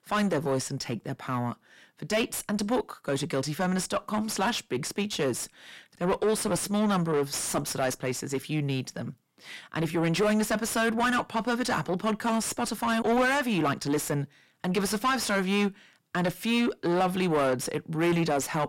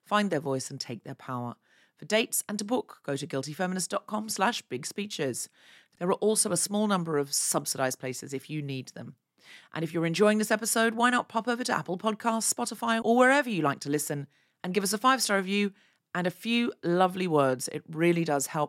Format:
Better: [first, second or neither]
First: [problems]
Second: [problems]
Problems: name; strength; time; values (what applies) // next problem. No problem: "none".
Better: second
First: distortion; heavy; 6 dB below the speech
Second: none